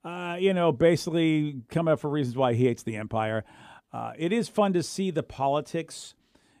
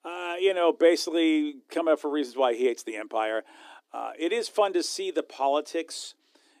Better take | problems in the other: first | thin; somewhat; fading below 300 Hz

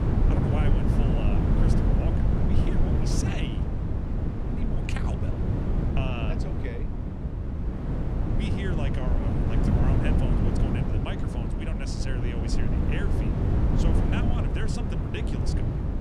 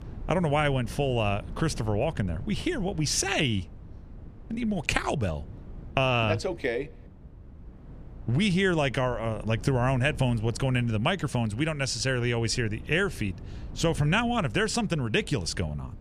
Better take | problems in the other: second | wind noise on the microphone; heavy; 3 dB above the speech; occasional gusts in the second

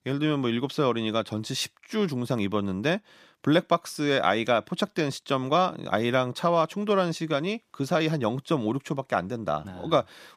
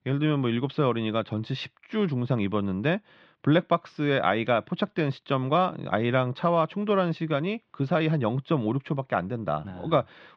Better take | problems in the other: first | muffled; slightly; fading above 3.5 kHz

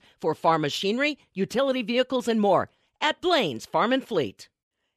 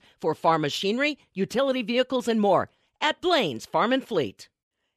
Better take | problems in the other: neither | none

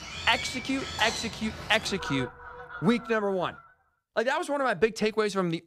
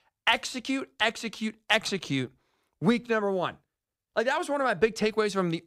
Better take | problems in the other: second | animal sounds; loud; until 3.5 s; 9 dB below the speech

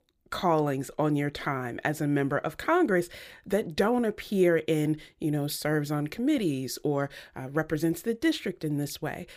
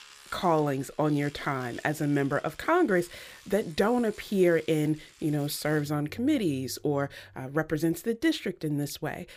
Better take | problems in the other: first | household noises; faint; until 7 s; 25 dB below the speech

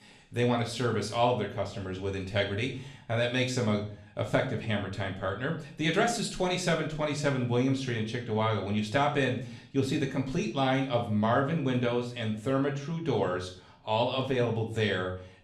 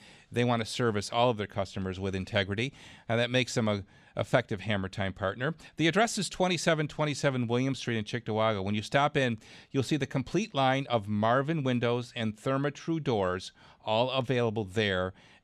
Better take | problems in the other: second | room echo; slight; dies away in 0.4 s // off-mic speech; somewhat distant

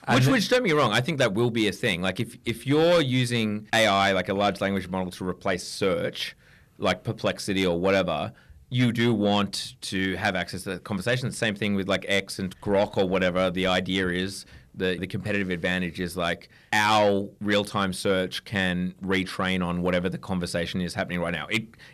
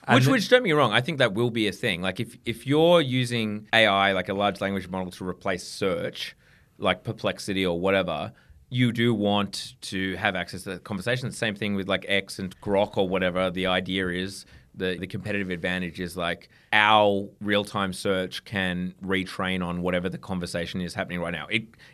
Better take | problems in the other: second | distortion; slight; 10 dB below the speech

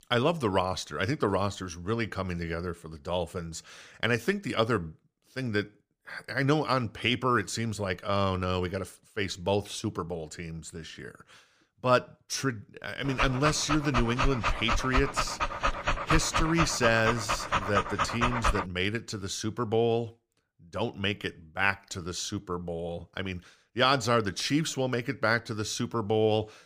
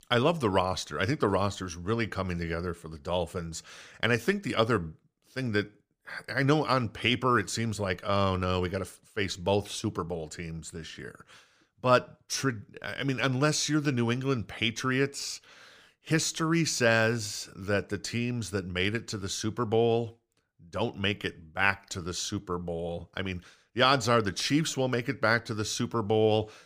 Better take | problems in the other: second | dog barking; loud; from 13 to 19 s; peak 2 dB above the speech

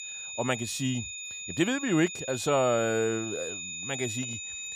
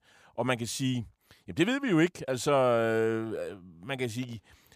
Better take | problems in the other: second | high-pitched whine; loud; throughout; 7 kHz, 6 dB below the speech

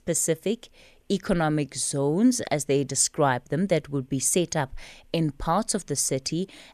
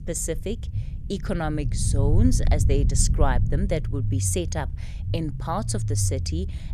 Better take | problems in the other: first | low rumble; noticeable; throughout; 10 dB below the speech

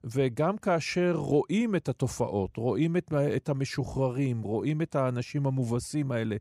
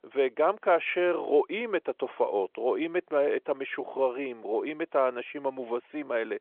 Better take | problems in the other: first | phone-call audio; nothing above 3.5 kHz

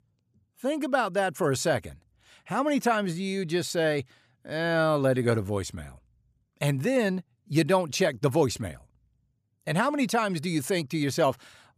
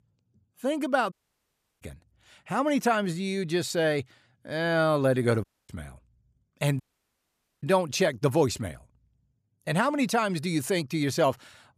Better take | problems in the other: first | audio cutting out; at 1 s for 0.5 s, at 5.5 s and at 7 s for 1 s

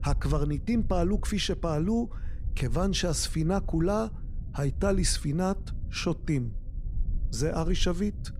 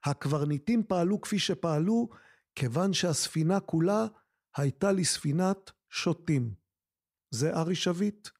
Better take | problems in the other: second | low rumble; faint; throughout; 20 dB below the speech

